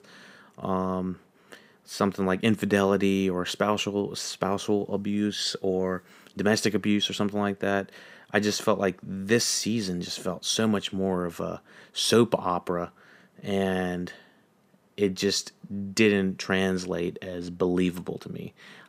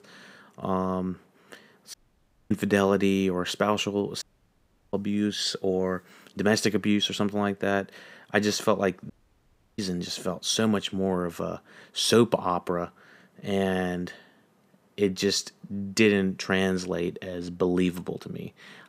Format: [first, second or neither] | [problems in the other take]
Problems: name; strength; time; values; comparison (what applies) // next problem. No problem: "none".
first | audio cutting out; at 2 s for 0.5 s, at 4 s for 0.5 s and at 9 s for 0.5 s